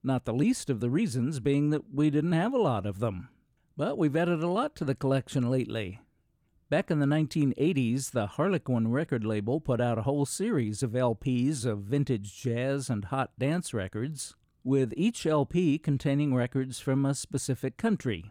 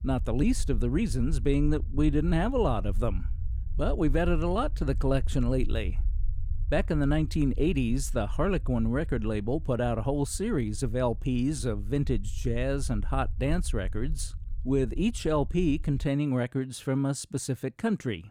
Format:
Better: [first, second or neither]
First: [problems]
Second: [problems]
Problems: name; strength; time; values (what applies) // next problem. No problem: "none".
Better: first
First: none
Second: low rumble; faint; until 16 s; 25 dB below the speech